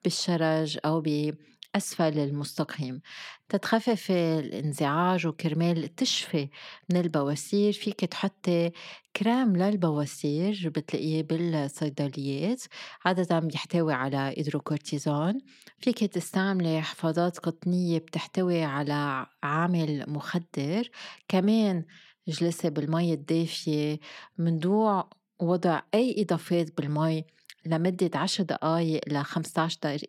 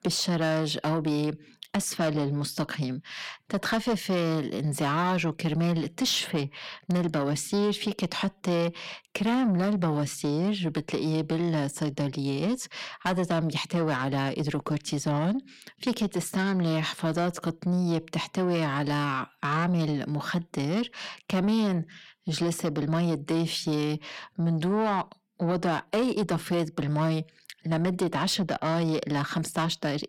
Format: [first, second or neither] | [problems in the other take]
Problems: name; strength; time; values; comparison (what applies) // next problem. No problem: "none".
first | distortion; slight; 10 dB below the speech